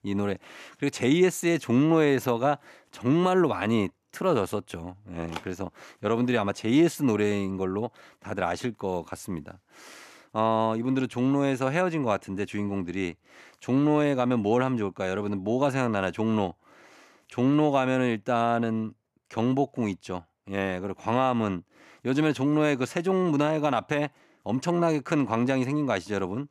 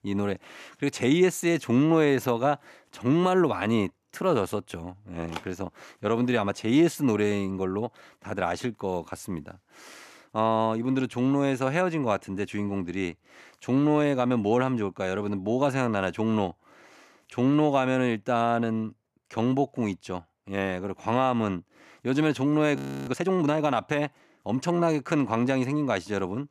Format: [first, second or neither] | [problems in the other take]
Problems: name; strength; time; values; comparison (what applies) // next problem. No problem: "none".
first | audio freezing; at 23 s